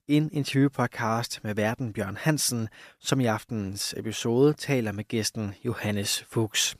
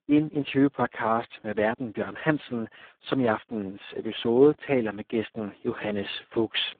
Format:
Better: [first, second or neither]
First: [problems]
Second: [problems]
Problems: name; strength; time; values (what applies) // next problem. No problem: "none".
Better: first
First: none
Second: phone-call audio; poor line